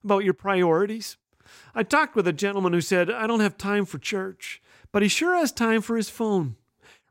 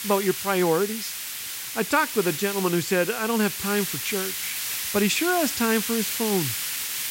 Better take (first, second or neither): first